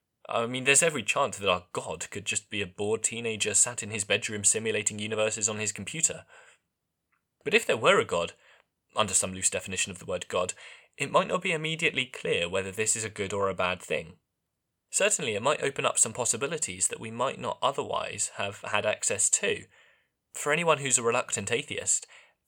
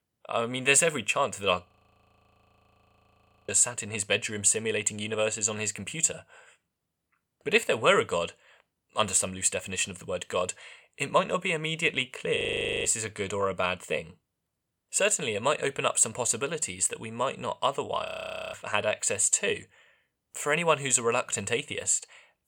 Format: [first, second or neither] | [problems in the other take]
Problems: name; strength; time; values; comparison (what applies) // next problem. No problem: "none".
first | audio freezing; at 1.5 s for 2 s, at 12 s and at 18 s